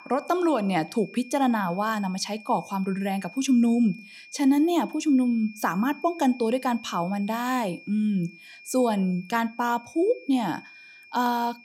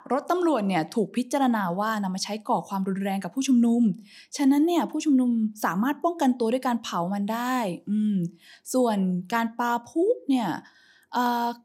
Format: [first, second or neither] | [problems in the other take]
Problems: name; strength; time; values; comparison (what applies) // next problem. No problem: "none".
second | high-pitched whine; faint; throughout; 2.5 kHz, 20 dB below the speech